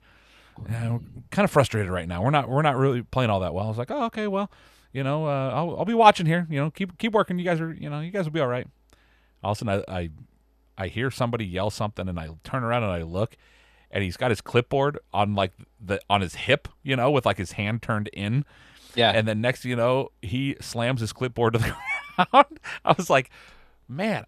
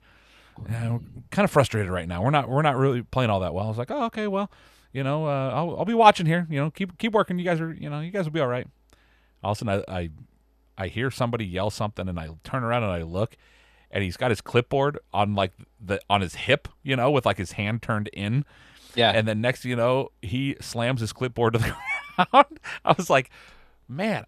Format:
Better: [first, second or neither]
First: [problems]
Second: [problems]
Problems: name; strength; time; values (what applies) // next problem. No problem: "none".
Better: neither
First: none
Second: none